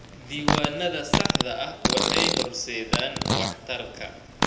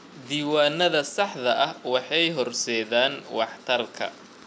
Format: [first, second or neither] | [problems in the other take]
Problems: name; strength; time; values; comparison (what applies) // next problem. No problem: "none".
second | background sound (Fart); 5 dB above the speech // room echo; dies away in 0.7 s